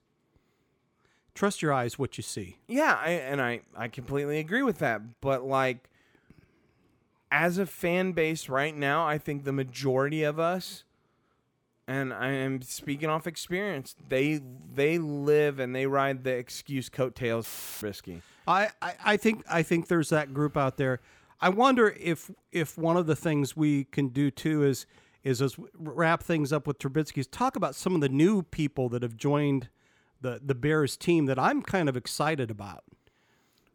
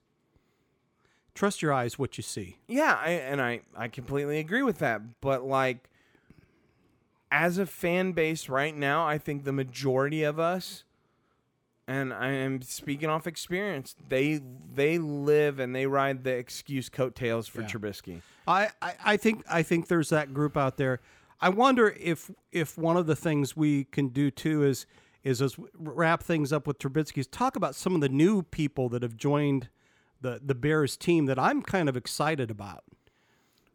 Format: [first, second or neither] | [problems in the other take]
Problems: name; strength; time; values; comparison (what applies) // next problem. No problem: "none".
second | audio cutting out; filled with static; at 17 s